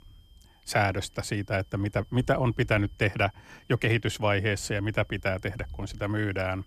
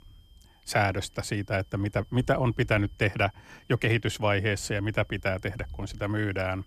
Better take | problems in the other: neither | high-pitched whine; faint; throughout; 3 kHz, 35 dB below the speech; the same in both

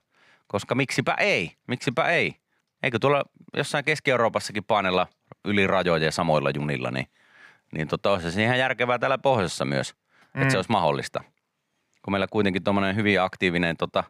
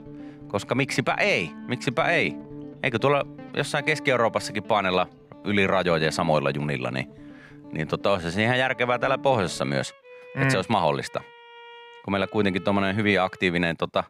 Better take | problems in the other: first | background music; noticeable; throughout; 20 dB below the speech

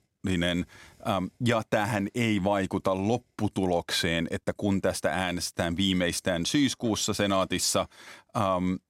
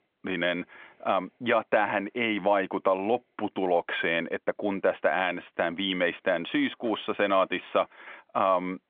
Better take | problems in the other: first | phone-call audio; nothing above 3.5 kHz

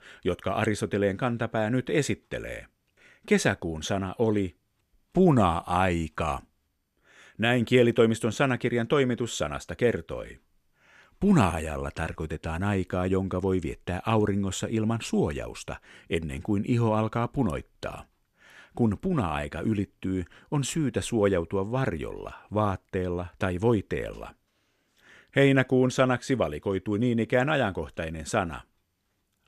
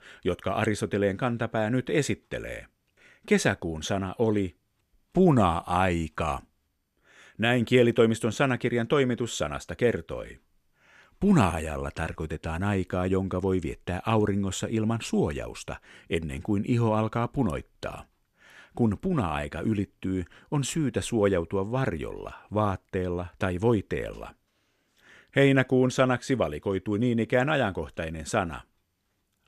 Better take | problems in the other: neither | none

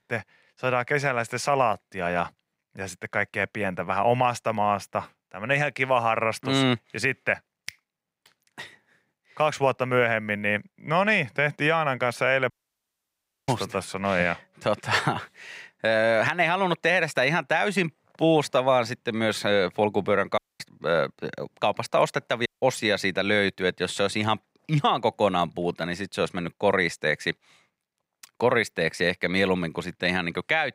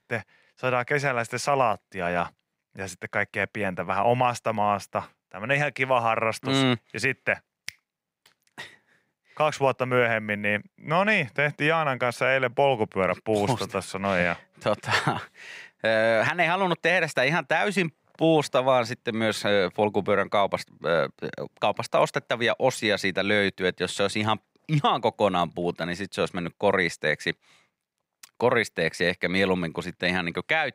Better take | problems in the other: second | audio cutting out; at 13 s for 1 s, at 20 s and at 22 s

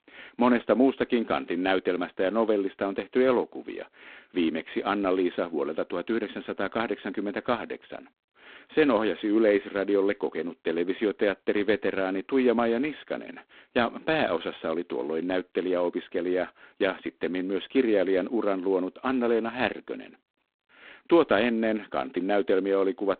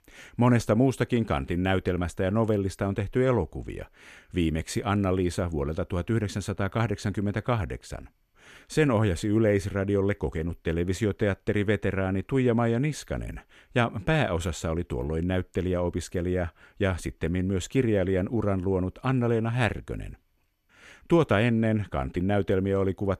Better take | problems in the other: second | phone-call audio; poor line; nothing above 4 kHz

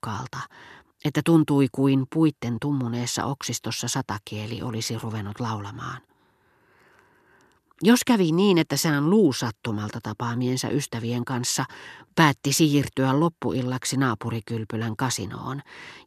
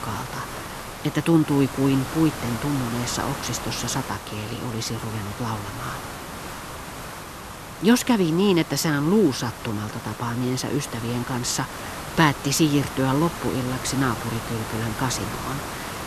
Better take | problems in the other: first | hiss; loud; throughout; 9 dB below the speech

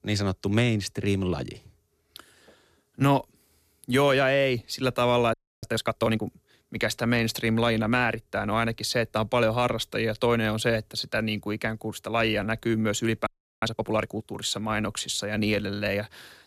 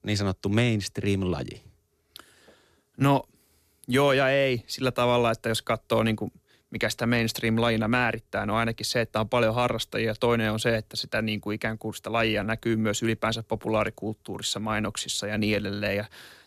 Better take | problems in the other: second | audio freezing; at 5.5 s and at 13 s

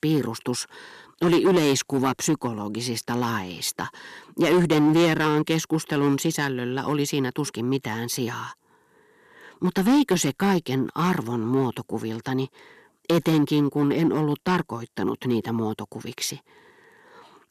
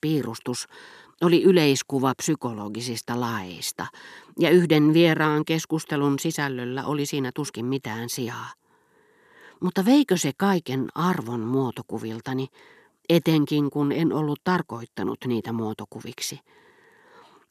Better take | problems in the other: second | distortion; slight; 5% of the sound clipped

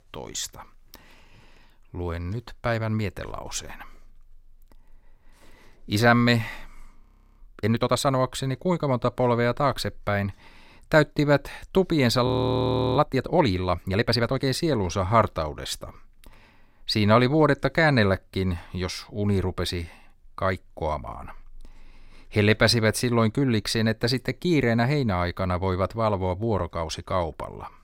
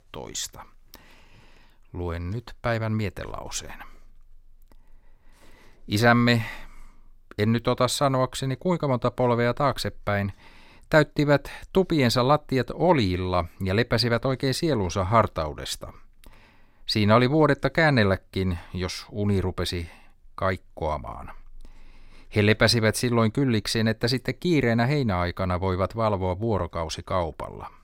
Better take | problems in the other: second | audio freezing; at 7 s and at 12 s for 0.5 s

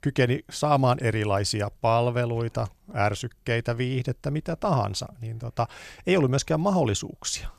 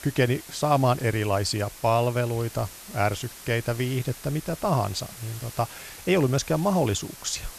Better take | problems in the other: first | hiss; noticeable; throughout; 15 dB below the speech

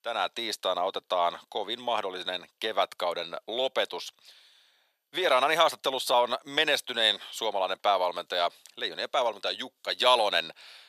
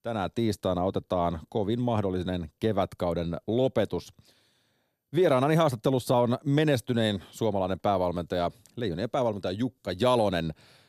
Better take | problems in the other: second | thin; very; fading below 850 Hz

